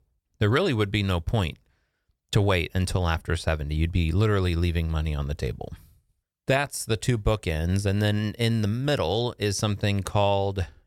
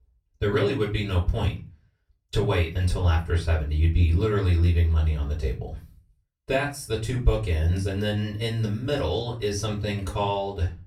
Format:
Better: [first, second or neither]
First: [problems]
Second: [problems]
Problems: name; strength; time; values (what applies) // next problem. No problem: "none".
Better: first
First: none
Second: off-mic speech; far // room echo; very slight; dies away in 0.3 s